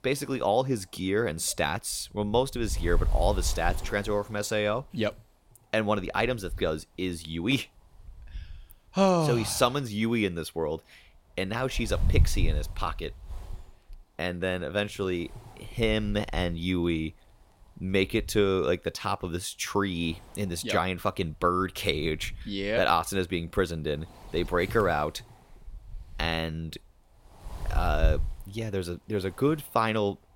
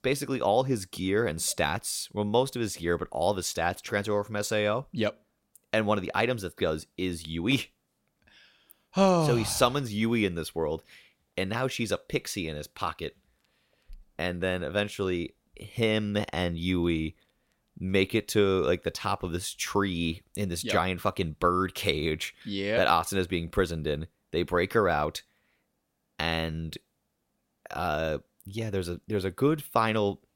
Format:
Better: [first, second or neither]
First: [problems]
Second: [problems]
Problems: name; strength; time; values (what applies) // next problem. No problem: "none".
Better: second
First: wind noise on the microphone; occasional gusts; 20 dB below the speech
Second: none